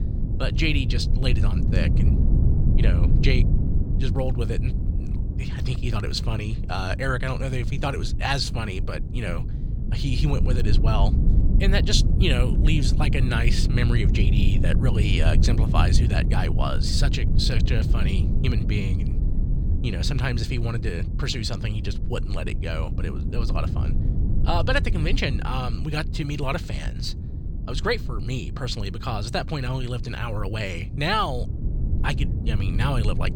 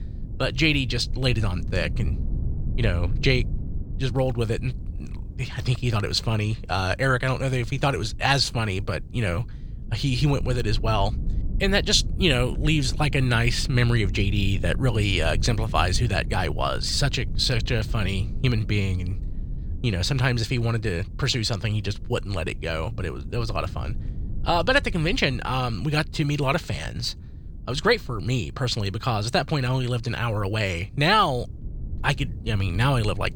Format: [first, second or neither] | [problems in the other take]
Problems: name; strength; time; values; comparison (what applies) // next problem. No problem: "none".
second | low rumble; loud; throughout; 9 dB below the speech; faint in the second